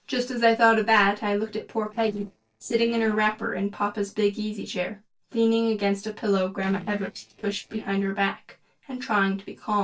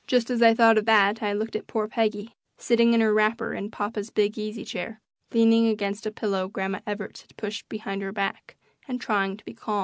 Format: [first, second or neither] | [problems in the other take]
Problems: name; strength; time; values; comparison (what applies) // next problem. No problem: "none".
second | noise reduction (neural separator model SepFormer DNS4)